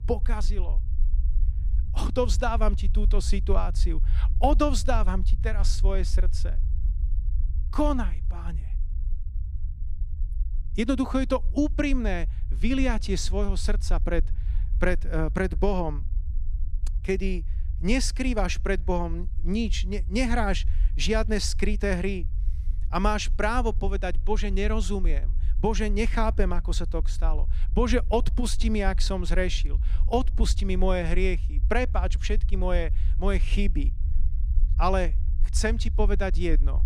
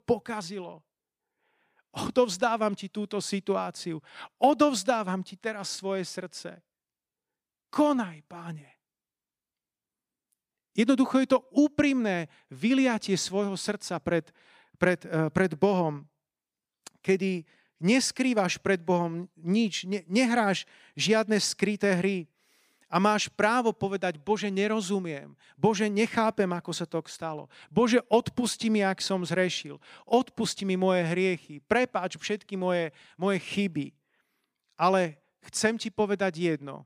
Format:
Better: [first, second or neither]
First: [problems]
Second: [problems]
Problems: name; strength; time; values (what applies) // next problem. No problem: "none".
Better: second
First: low rumble; faint; throughout; 20 dB below the speech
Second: none